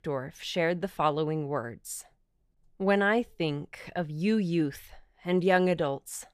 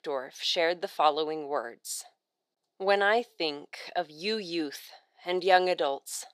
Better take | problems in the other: first | thin; very; fading below 350 Hz

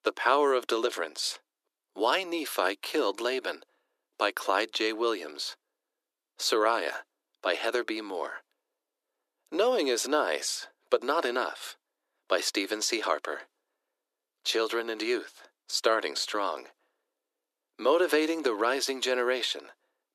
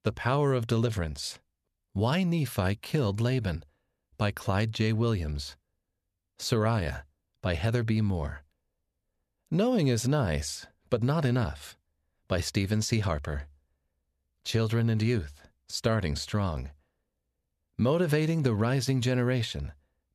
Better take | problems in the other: second | thin; very; fading below 300 Hz

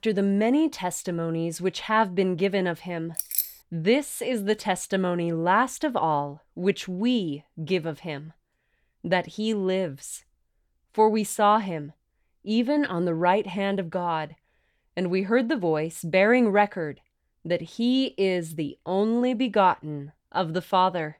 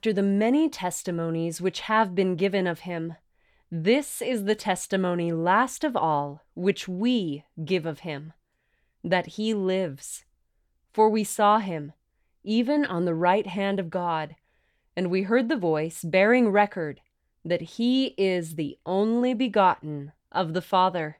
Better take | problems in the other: second | jangling keys; noticeable; at 3 s; peak 1 dB below the speech

